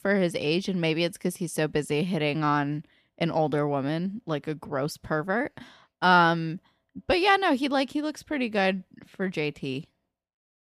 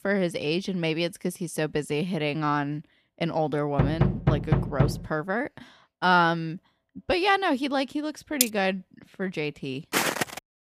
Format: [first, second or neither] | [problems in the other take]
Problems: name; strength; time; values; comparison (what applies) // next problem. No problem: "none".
first | door banging; loud; from 4 to 5 s; peak 3 dB above the speech // clattering dishes; very faint; at 8.5 s; peak 2 dB above the speech // footsteps; loud; at 10 s; peak 2 dB above the speech